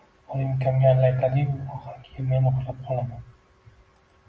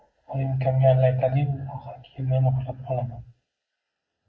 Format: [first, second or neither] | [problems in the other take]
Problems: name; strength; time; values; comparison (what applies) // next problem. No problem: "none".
first | noise reduction (neural mask model Resemble Enhance denoiser)